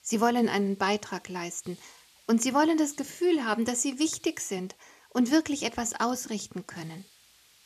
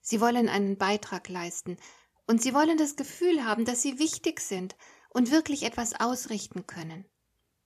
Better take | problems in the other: second | hiss; faint; throughout; 30 dB below the speech

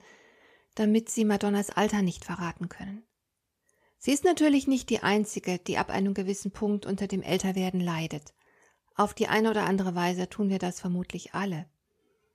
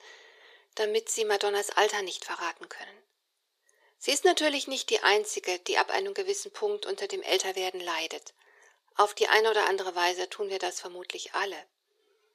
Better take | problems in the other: first | thin; very; fading below 400 Hz

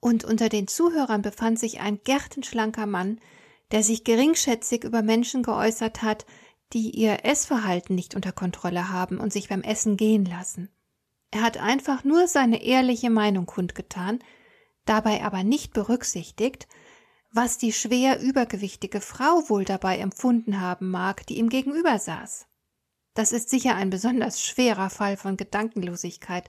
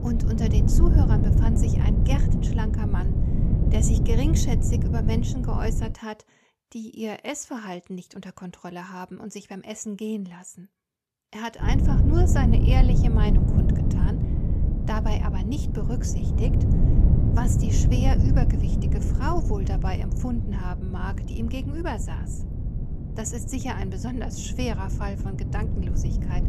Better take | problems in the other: first | wind noise on the microphone; heavy; until 6 s and from 12 s on; 1 dB below the speech

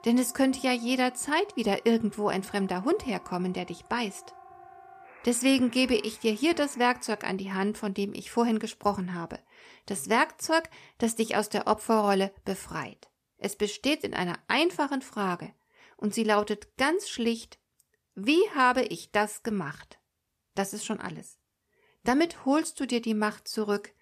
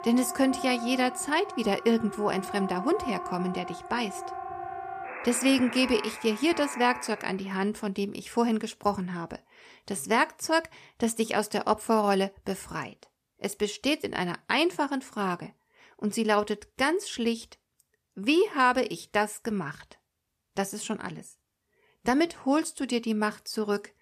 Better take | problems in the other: first | alarms or sirens; loud; until 7.5 s; 10 dB below the speech; faint in the first

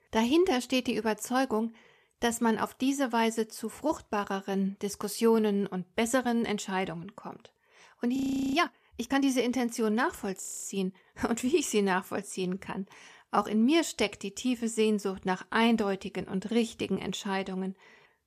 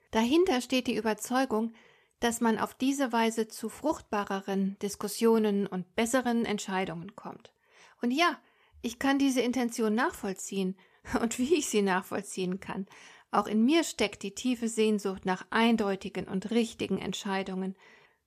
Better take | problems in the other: second | audio freezing; at 8 s and at 10 s

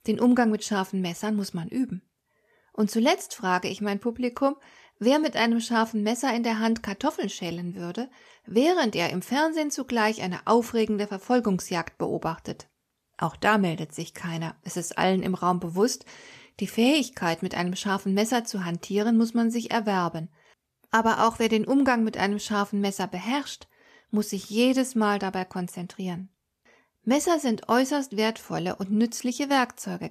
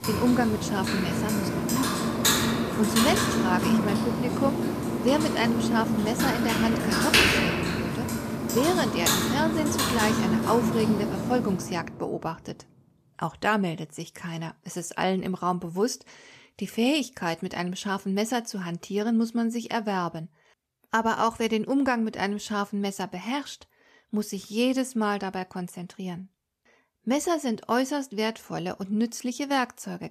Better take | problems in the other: first | household noises; very loud; until 11 s; 3 dB above the speech

